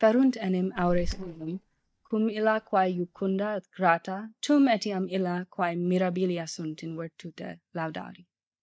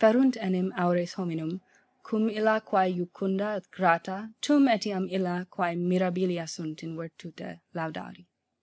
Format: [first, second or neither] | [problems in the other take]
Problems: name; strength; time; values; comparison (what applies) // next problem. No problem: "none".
second | noise reduction (neural mask model DeepFilterNet 3)